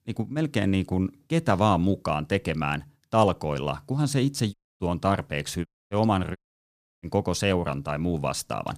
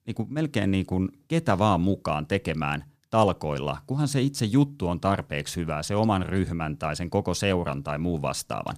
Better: second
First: audio cutting out; at 4.5 s, at 5.5 s and at 6.5 s for 0.5 s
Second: none

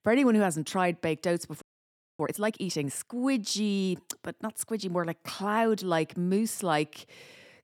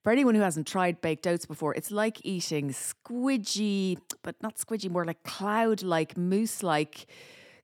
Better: second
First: audio freezing; at 1.5 s for 0.5 s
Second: none

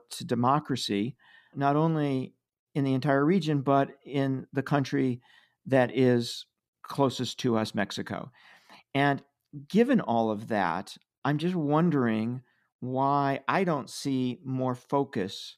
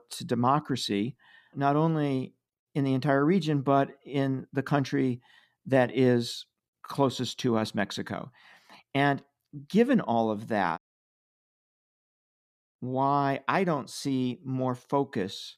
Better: first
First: none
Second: audio cutting out; at 11 s for 2 s

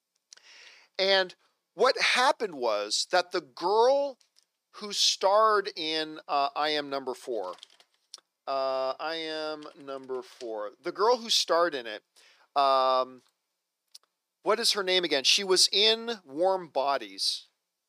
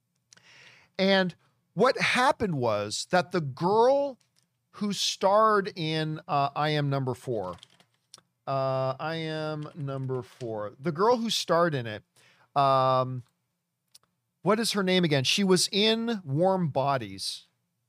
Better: second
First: thin; somewhat; fading below 300 Hz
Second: none

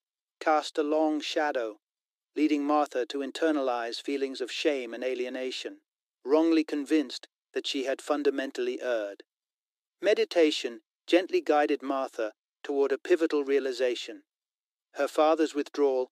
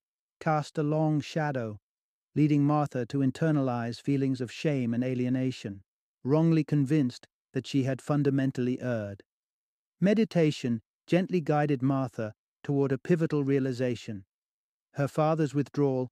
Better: second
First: thin; somewhat; fading below 300 Hz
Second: none

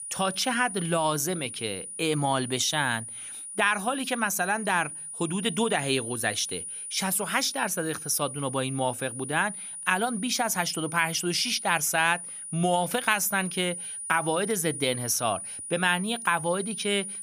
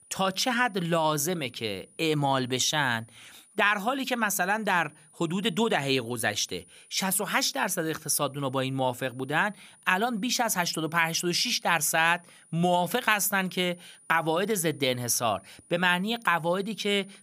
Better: second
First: high-pitched whine; loud; throughout; 9.5 kHz, 8 dB below the speech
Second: high-pitched whine; faint; throughout; 9.5 kHz, 30 dB below the speech

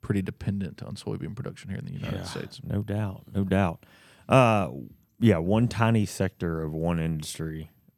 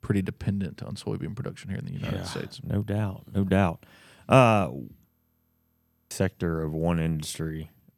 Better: first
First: none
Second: audio freezing; at 5 s for 1 s

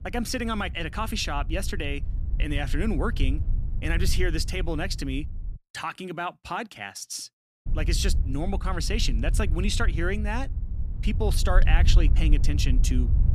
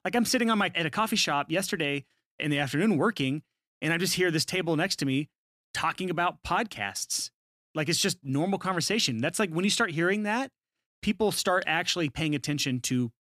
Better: second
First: wind noise on the microphone; occasional gusts; until 5.5 s and from 7.5 s on; 15 dB below the speech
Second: none

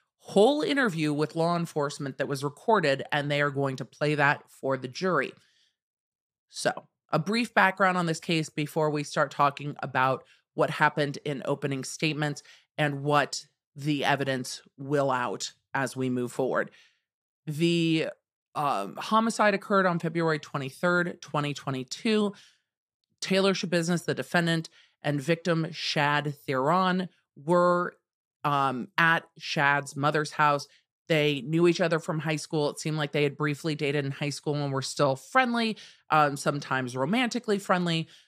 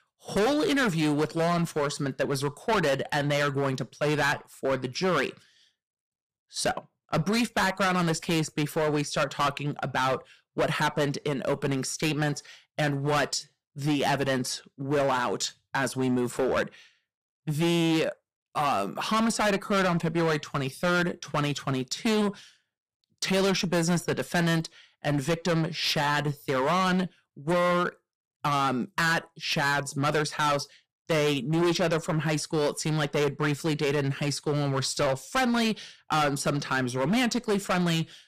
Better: first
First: none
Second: distortion; heavy; 14% of the sound clipped

